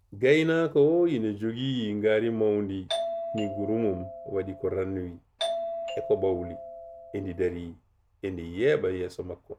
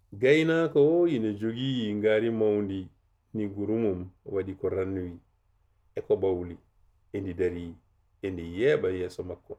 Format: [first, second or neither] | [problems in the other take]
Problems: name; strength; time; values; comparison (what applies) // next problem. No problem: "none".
second | background sound (Doorbell); 8 dB below the speech